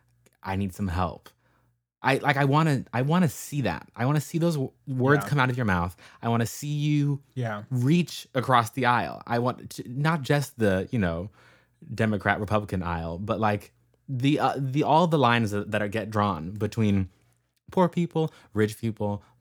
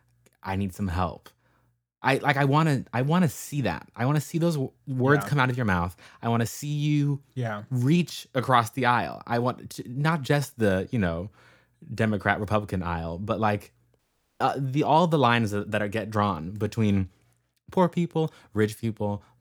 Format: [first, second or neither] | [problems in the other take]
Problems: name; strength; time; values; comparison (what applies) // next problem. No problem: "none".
first | audio cutting out; at 14 s